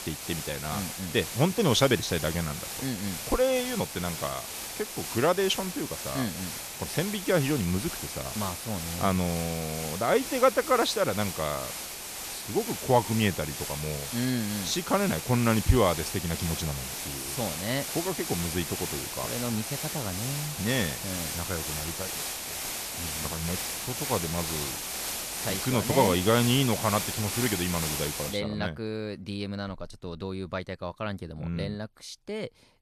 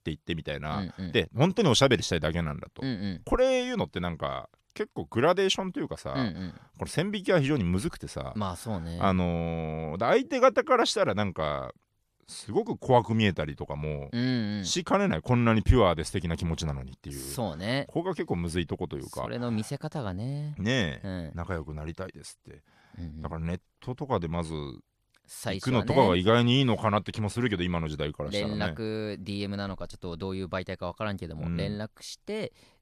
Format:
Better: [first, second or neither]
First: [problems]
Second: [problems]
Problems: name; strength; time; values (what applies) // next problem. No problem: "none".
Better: second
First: hiss; loud; until 28 s; 4 dB below the speech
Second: none